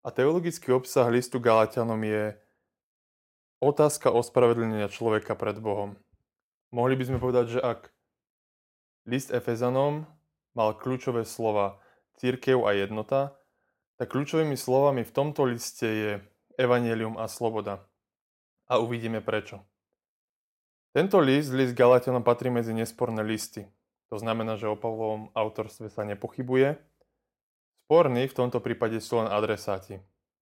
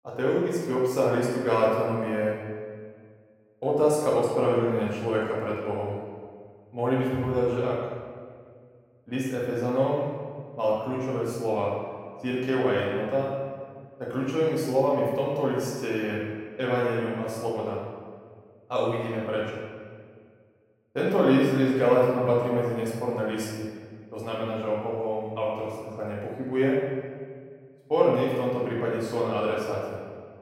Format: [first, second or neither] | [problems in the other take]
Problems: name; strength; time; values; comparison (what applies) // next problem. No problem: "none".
first | room echo; noticeable; dies away in 1.5 s // off-mic speech; far